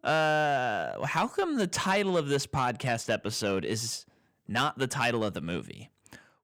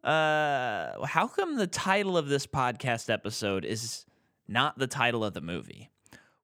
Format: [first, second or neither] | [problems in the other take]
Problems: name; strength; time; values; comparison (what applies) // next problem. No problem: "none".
second | distortion; slight; 10 dB below the speech